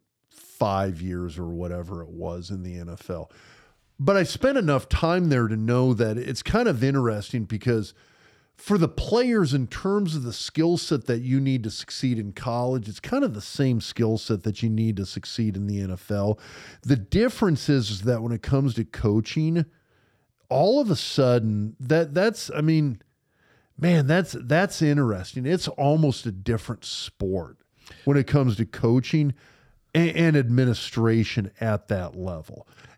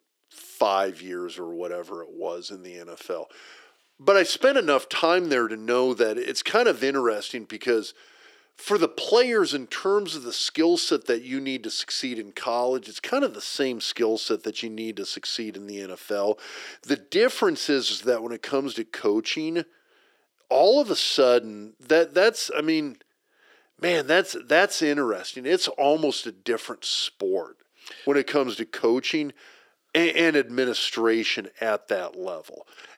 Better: first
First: none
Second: thin; somewhat; fading below 350 Hz

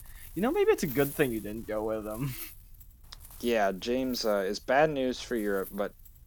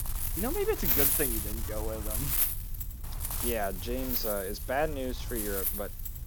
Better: first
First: wind noise on the microphone; occasional gusts; 20 dB below the speech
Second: wind noise on the microphone; heavy; 2 dB below the speech

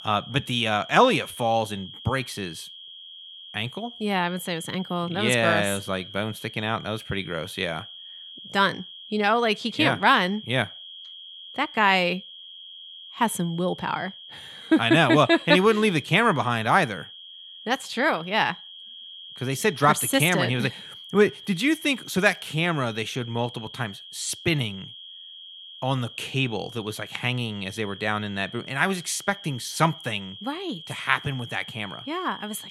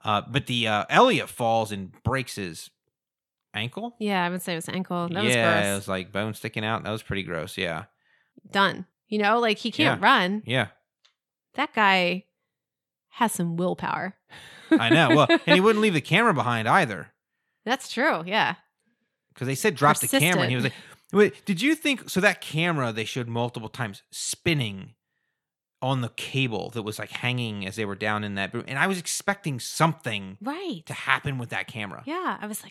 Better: second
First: high-pitched whine; noticeable; throughout; 3.5 kHz, 15 dB below the speech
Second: none

